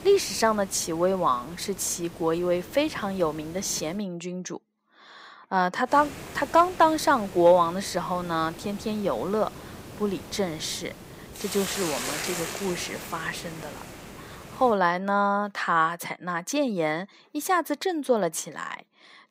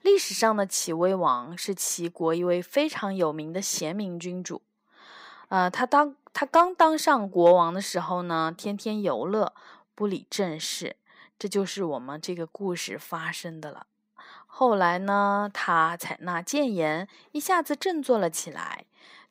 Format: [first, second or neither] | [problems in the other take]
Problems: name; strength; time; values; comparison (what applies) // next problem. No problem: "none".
second | hiss; noticeable; until 4 s and from 6 to 15 s; 10 dB below the speech